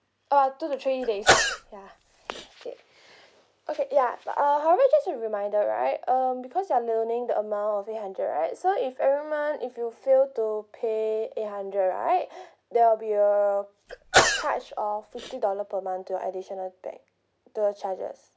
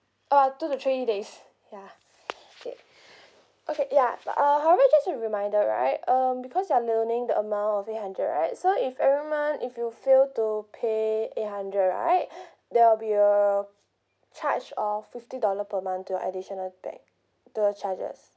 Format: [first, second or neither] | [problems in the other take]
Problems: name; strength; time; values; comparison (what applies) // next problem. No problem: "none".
second | background sound (Sneeze / Cough); as loud as the speech